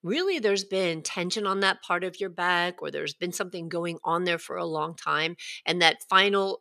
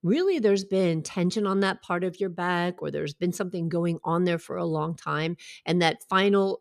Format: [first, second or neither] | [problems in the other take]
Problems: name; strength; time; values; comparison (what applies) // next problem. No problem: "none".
second | thin; somewhat; fading below 750 Hz